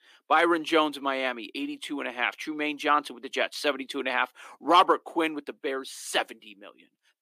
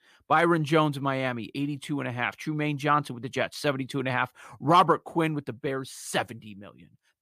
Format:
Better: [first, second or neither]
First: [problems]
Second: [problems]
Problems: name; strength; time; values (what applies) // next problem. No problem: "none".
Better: second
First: thin; somewhat; fading below 300 Hz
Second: none